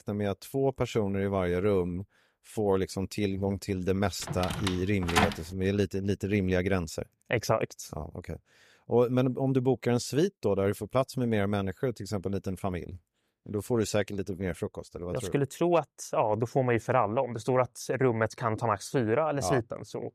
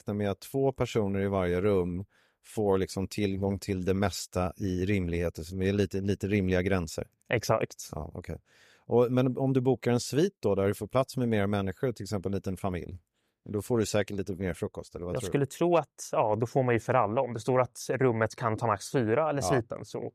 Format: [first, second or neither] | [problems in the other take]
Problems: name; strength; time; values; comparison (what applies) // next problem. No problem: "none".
second | door banging; loud; from 4 to 5.5 s; peak 2 dB above the speech